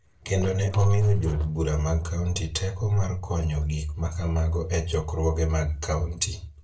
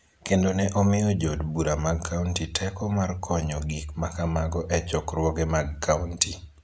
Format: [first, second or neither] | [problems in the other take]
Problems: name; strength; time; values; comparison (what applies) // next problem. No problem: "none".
second | noise reduction (neural separator model SepFormer DNS4)